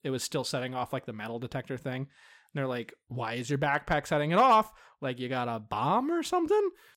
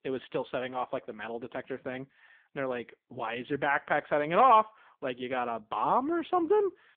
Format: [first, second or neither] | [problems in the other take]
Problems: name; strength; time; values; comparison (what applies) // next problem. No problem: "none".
first | phone-call audio; poor line